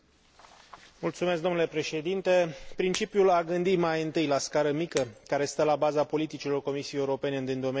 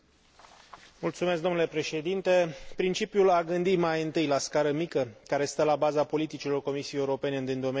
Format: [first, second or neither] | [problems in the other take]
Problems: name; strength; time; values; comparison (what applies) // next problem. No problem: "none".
second | background sound (Shatter); 20 dB below the speech